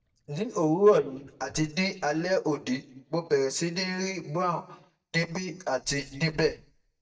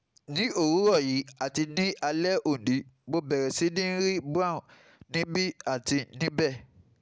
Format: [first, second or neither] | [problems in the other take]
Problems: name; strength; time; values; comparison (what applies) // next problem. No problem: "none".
second | noise reduction (neural mask model DeepFilterNet 3)